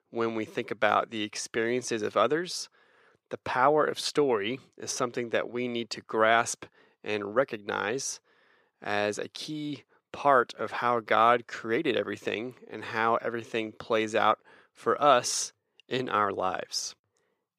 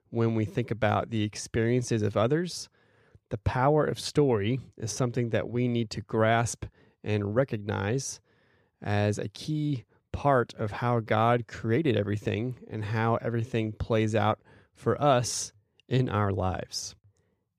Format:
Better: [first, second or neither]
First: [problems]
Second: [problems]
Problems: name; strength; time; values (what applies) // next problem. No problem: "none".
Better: second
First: thin; somewhat; fading below 350 Hz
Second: none